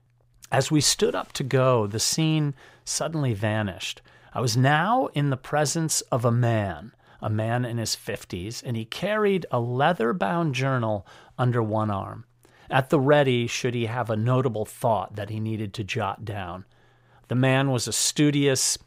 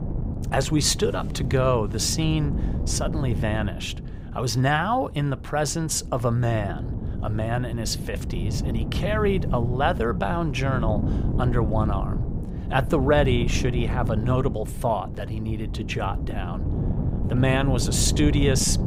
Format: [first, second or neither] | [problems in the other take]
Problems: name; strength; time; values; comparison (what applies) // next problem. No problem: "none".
first | wind noise on the microphone; occasional gusts; 10 dB below the speech